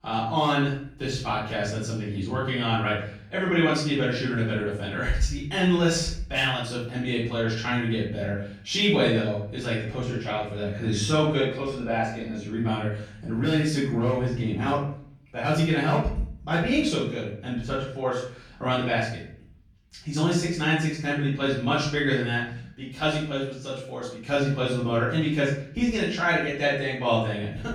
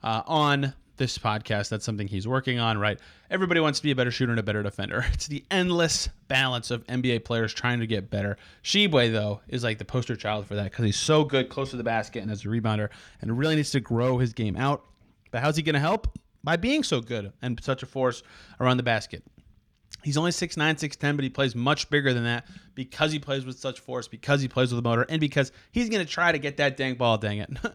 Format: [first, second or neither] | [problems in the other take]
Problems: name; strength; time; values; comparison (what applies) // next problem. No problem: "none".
second | off-mic speech; far // room echo; noticeable; dies away in 0.5 s